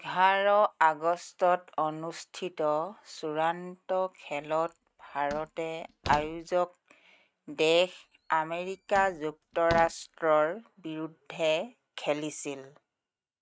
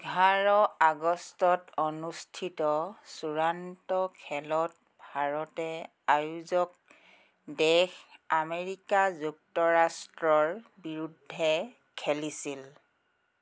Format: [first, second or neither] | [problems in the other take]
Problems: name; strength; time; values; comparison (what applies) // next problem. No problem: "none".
second | noise reduction (neural mask model RNNoise)